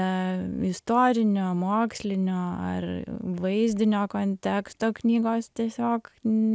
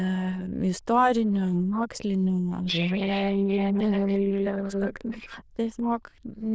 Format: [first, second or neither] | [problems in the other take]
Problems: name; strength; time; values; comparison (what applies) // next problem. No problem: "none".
first | noise reduction (neural diffusion model UNIVERSE++)